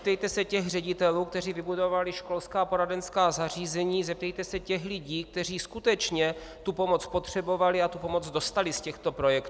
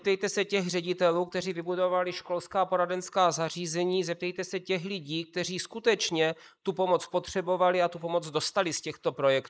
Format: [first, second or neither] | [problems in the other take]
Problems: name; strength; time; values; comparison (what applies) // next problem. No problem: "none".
first | noise reduction (neural mask model Resemble Enhance denoiser)